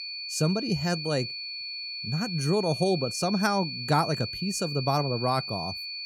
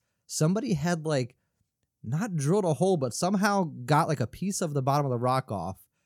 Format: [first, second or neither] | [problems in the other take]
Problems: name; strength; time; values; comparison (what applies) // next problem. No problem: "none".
second | high-pitched whine; loud; throughout; 4.5 kHz, 5 dB below the speech